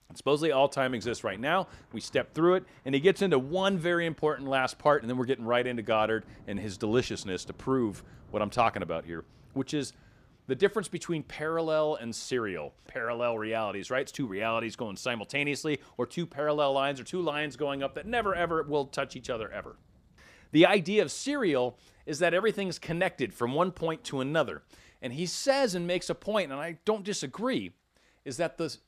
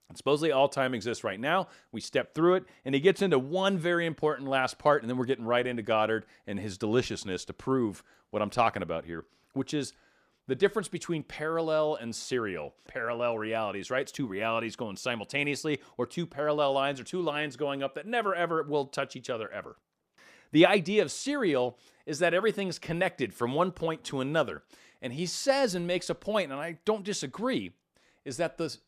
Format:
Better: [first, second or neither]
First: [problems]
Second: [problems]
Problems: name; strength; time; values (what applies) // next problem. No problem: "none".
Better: second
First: rain or running water; faint; throughout; 30 dB below the speech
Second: none